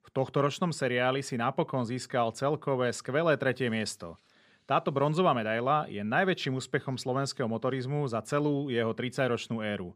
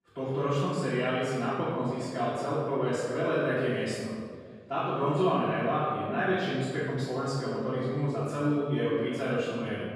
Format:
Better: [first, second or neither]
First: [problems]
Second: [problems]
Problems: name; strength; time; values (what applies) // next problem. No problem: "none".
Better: first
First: none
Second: off-mic speech; far // room echo; strong; dies away in 1.6 s